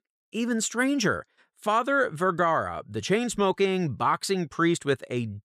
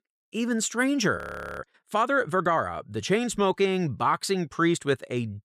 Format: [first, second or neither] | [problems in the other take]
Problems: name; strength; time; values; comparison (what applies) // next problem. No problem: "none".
first | audio freezing; at 1 s